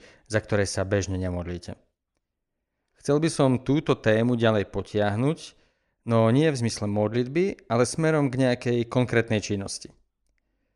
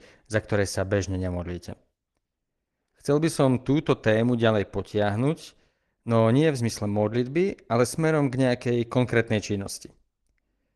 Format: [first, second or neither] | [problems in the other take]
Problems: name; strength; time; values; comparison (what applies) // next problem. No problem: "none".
first | garbled, watery; slightly; nothing above 12 kHz